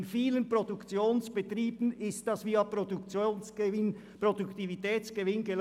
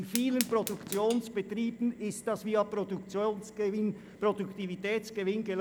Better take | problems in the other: first | background sound (Fire); 14 dB below the speech

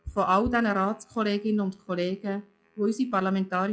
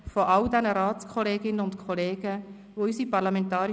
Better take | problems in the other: second | noise reduction (classical method WPE with log-MMSE)

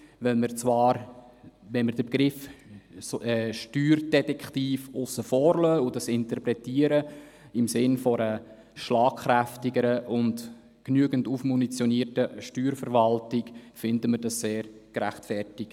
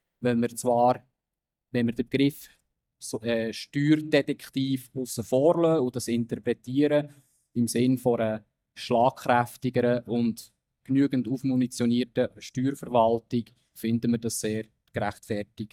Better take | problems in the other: first | noise reduction (neural mask model DeepFilterNet 3)

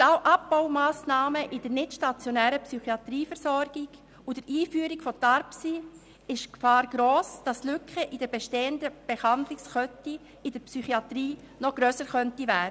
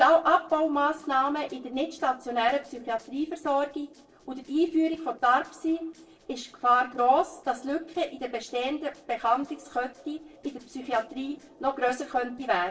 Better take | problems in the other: first | noise reduction (neural separator model SepFormer DNS4)

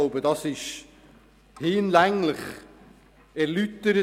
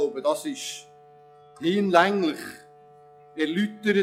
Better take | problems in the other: first | noise reduction (classical method log-MMSE)

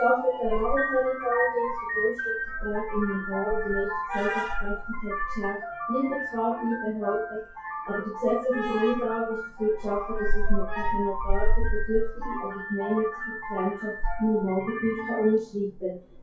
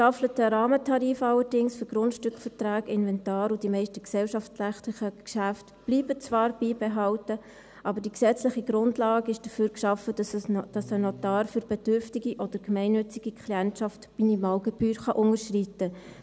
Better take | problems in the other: second | noise reduction (classical method WPE with log-MMSE)

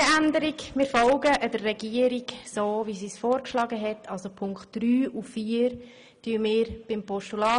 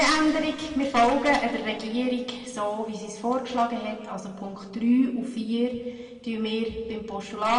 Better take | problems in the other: first | room echo; dies away in 1.5 s

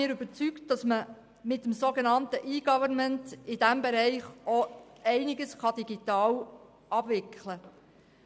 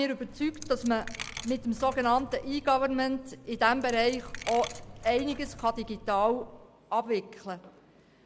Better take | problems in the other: first | background sound (Coin (dropping)); 14 dB below the speech

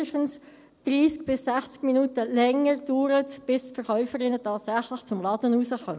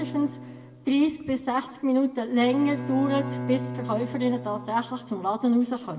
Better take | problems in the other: first | background sound (Bowed string instrument); 11 dB below the speech // room echo; dies away in 1.5 s

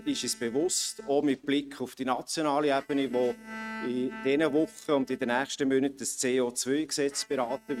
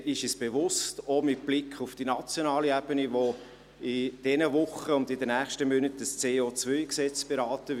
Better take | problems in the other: second | noise reduction (neural mask model RNNoise)

